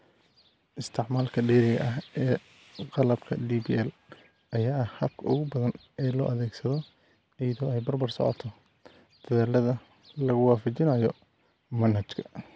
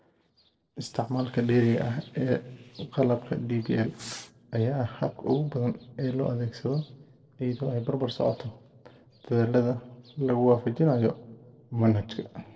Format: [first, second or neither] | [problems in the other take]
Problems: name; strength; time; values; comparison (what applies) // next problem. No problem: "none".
first | noise reduction (neural separator model SepFormer DNS4)